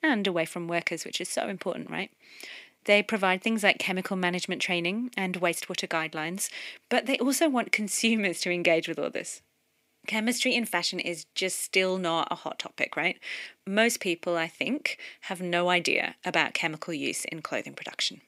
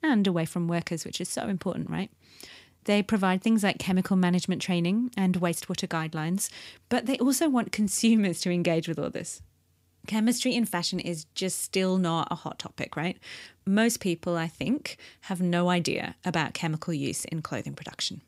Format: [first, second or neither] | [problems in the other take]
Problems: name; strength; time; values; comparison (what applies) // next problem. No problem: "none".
second | thin; somewhat; fading below 350 Hz